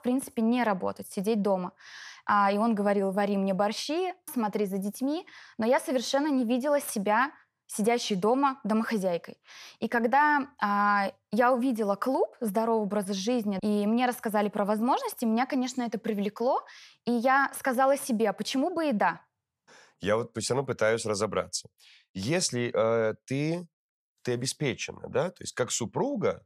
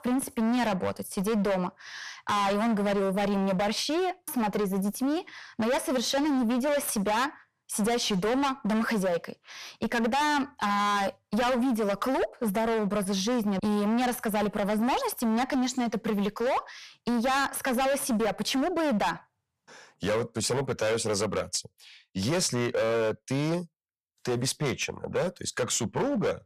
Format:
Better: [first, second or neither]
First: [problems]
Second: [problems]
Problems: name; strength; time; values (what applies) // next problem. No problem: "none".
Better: first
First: none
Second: distortion; heavy; 23% of the sound clipped